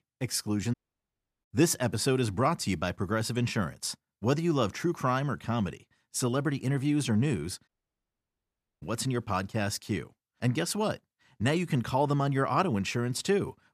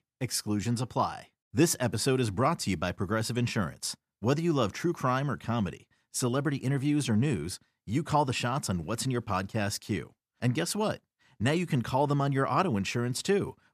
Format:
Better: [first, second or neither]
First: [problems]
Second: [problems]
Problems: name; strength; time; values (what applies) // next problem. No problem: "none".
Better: second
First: audio cutting out; at 0.5 s for 0.5 s and at 7.5 s for 1 s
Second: none